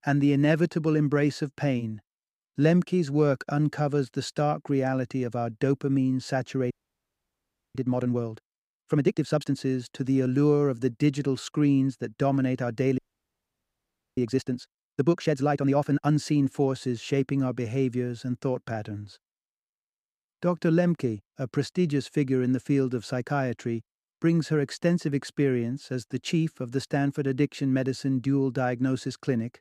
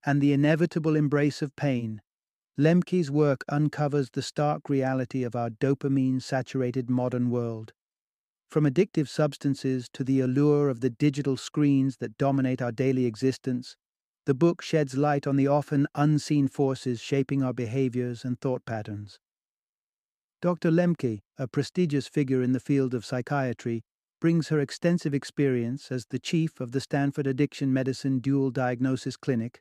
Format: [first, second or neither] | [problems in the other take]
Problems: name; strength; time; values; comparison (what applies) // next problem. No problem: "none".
second | audio freezing; at 6.5 s for 1 s and at 13 s for 1 s